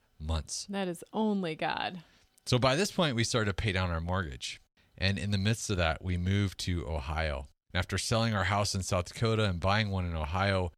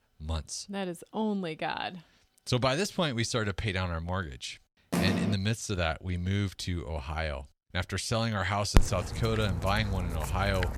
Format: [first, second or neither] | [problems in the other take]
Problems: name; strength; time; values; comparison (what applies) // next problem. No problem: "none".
first | phone ringing; loud; at 5 s; peak 2 dB above the speech // dog barking; loud; from 9 s on; peak 4 dB above the speech